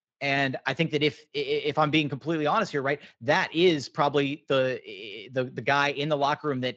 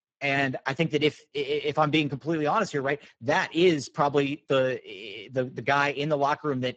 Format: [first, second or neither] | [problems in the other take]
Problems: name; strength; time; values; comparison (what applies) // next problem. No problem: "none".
first | garbled, watery; badly; nothing above 7.5 kHz; slightly in the first